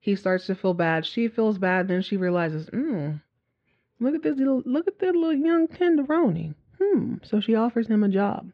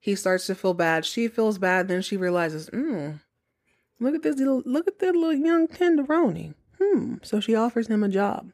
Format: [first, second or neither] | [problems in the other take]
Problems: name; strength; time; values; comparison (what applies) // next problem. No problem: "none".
second | muffled; very slightly; fading above 4 kHz